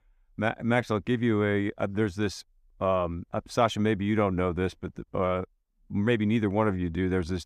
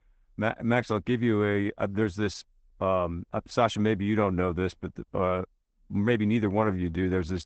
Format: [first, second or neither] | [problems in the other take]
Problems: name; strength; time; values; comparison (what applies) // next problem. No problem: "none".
first | garbled, watery; badly; nothing above 8 kHz